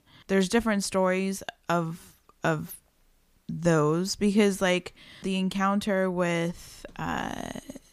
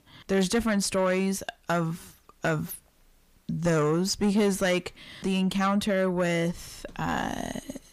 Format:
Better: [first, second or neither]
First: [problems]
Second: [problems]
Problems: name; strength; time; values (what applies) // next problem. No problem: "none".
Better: first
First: none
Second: distortion; slight; 10 dB below the speech